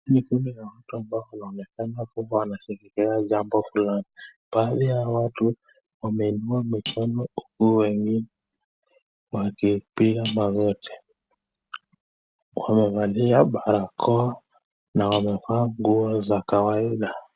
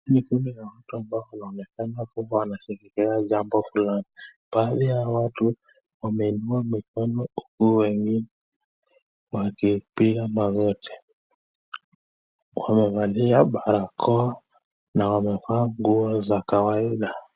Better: second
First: background sound (Cutlery, silverware); 18 dB below the speech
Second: none

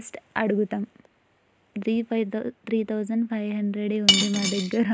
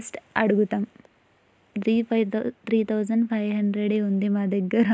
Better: second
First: background sound (Cutlery, silverware / Dishes, pots, and pans); 3 dB above the speech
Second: none

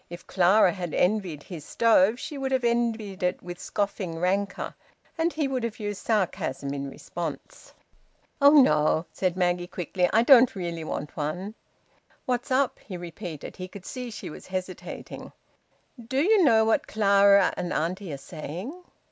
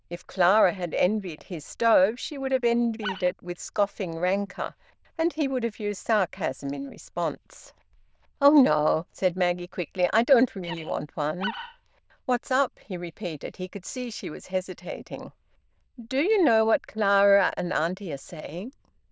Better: first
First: none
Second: noise reduction (neural diffusion model UNIVERSE++)

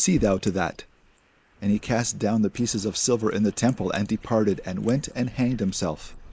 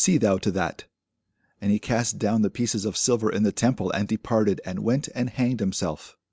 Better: second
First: noise reduction (neural mask model Resemble Enhance denoiser)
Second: none

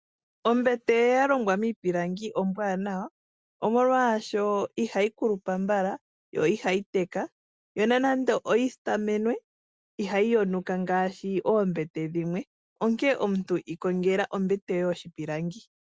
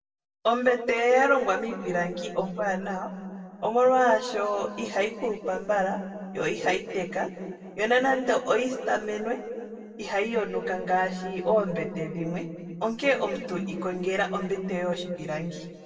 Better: first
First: none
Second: room echo; dies away in 1.9 s

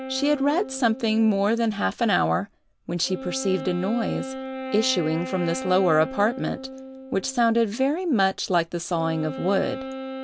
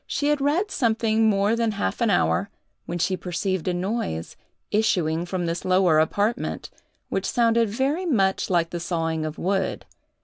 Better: second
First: background sound (Wind instrument, woodwind instrument); 11 dB below the speech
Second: none

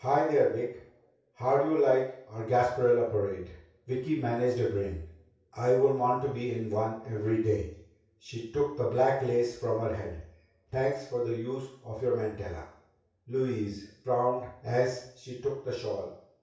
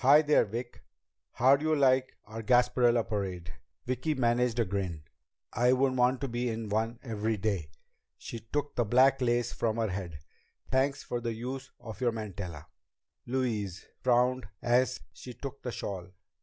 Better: second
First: room echo; dies away in 0.6 s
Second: none

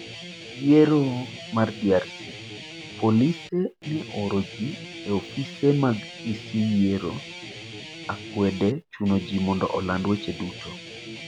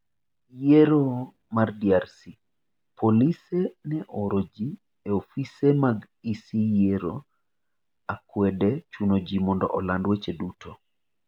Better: second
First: background sound (Guitar); 14 dB below the speech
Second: none

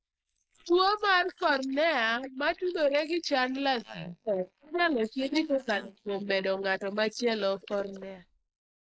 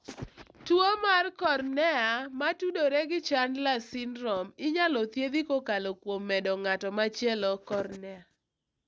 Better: second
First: noise reduction (neural mask model Resemble Enhance denoiser)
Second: none

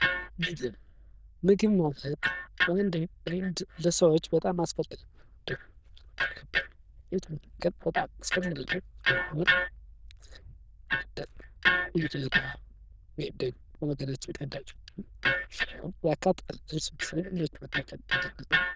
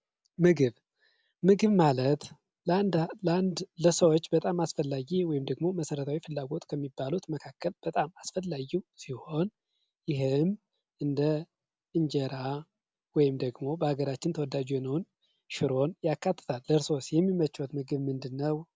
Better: second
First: noise reduction (neural diffusion model UNIVERSE++)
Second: none

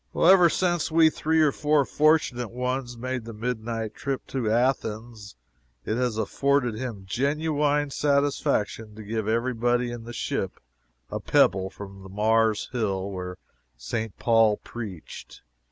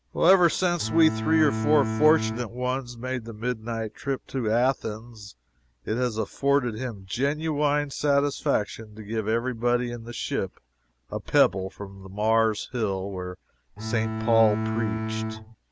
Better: first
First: none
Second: background sound (Bowed string instrument); 3 dB below the speech

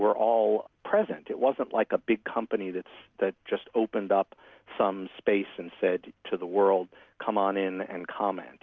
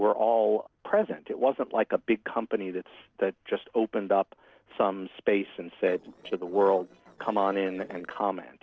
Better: first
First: none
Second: noise reduction (neural separator model SepFormer DNS4)

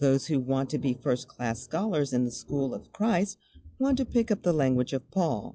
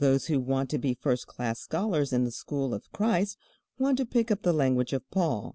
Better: second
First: noise reduction (classical method log-MMSE)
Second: none

